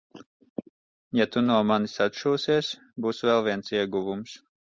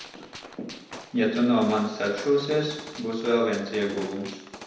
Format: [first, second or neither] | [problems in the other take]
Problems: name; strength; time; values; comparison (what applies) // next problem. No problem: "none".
first | background sound (Gunshot, gunfire); 17 dB below the speech // room echo; dies away in 0.9 s